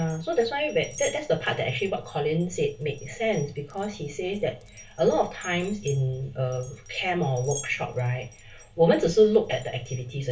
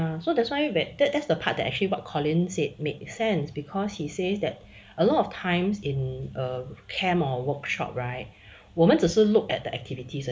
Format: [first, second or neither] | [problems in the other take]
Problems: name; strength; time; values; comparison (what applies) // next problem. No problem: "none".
second | background sound (Glass); 19 dB below the speech // room echo; dies away in 0.2 s